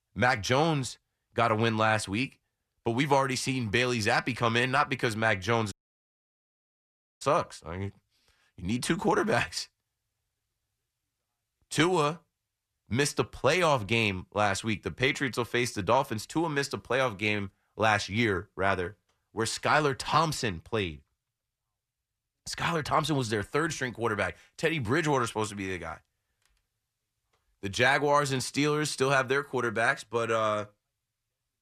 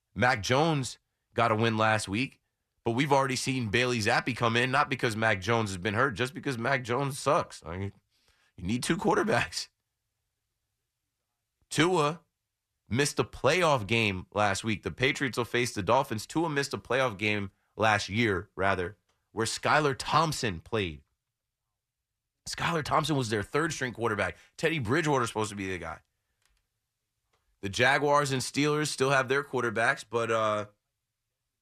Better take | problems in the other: second | audio cutting out; at 5.5 s for 1.5 s

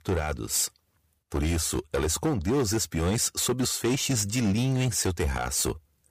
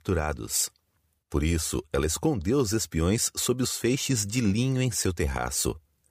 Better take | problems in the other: second | distortion; slight; 10% of the sound clipped

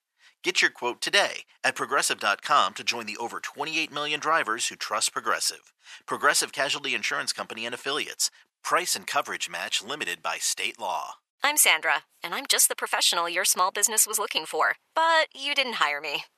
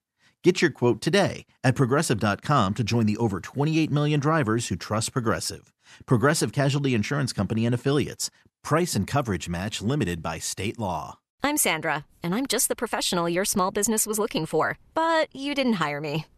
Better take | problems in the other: second | thin; very; fading below 850 Hz

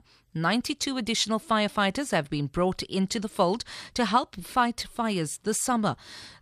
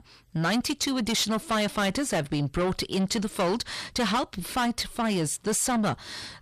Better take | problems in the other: first | distortion; heavy; 7 dB below the speech

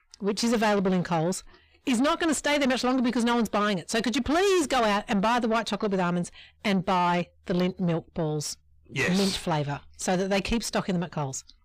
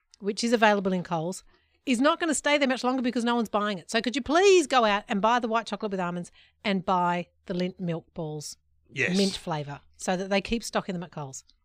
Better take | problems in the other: second | distortion; heavy; 6 dB below the speech

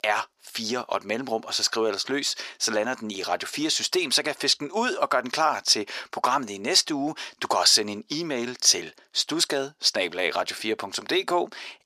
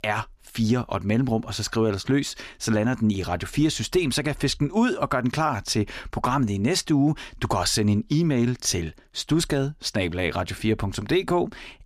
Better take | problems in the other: second | thin; somewhat; fading below 550 Hz

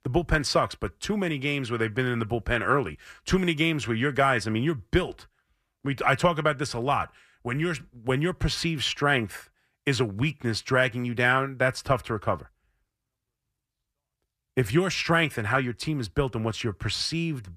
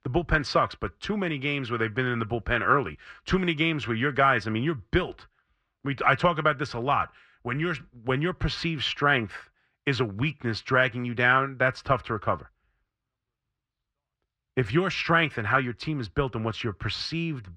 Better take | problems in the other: first | muffled; very slightly; fading above 3.5 kHz

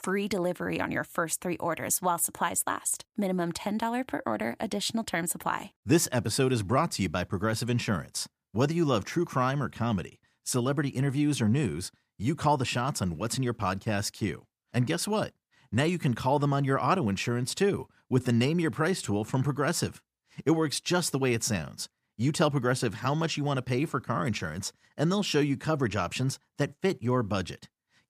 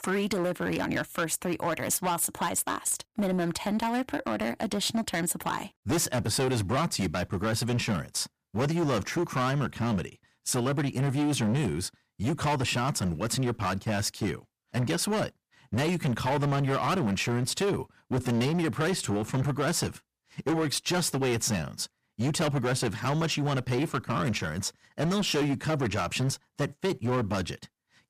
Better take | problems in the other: first | distortion; heavy; 17% of the sound clipped

